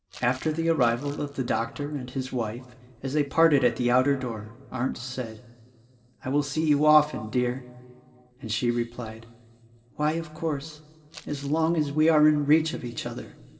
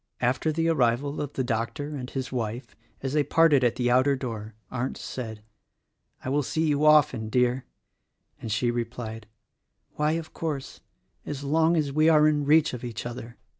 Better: second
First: noise reduction (neural separator model SepFormer DNS4)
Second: none

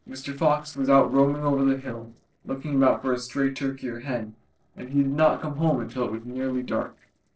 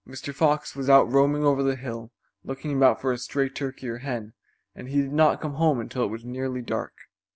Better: second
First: noise reduction (neural separator model SepFormer DNS4)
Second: none

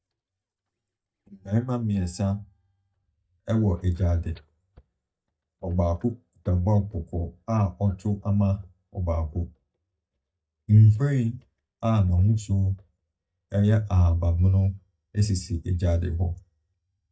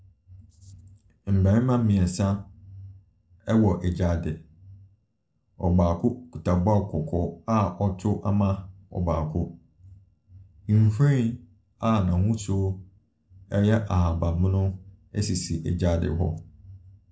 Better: second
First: noise reduction (neural mask model DeepFilterNet 3)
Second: none

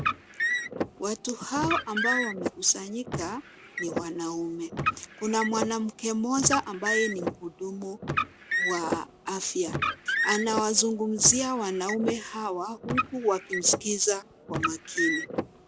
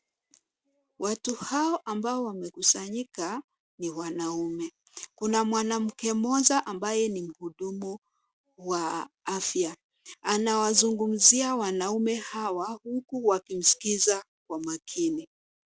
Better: second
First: background sound (Car); 3 dB below the speech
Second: none

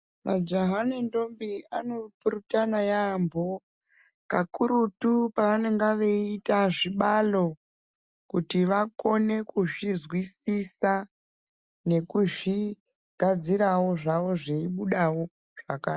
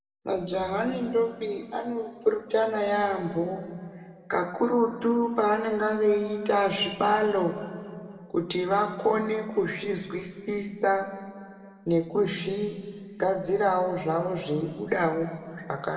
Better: first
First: none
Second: room echo; dies away in 2 s

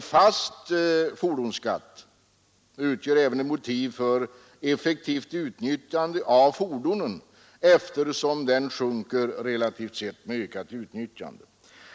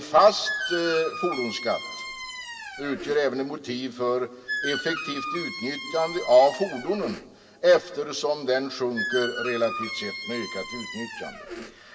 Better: first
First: none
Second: background sound (Squeak); 8 dB below the speech // room echo; dies away in 1.6 s

